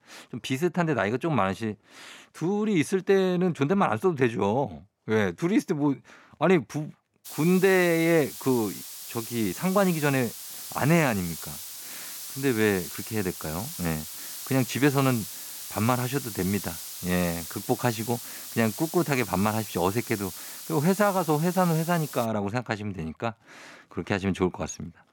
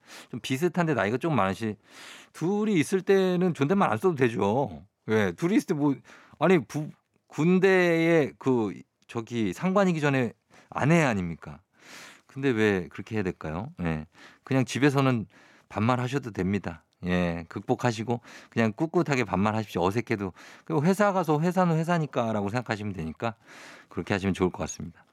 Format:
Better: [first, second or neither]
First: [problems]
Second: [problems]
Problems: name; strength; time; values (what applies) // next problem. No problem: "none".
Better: second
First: hiss; loud; from 7.5 to 22 s; 10 dB below the speech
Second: none